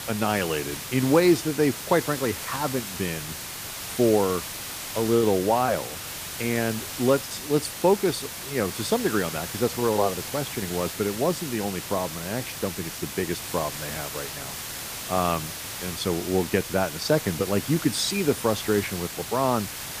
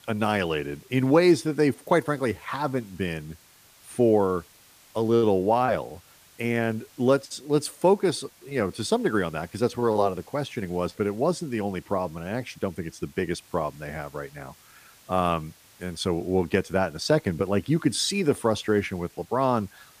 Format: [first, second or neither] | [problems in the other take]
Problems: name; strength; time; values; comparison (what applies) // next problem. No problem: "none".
second | hiss; loud; throughout; 7 dB below the speech; faint in the second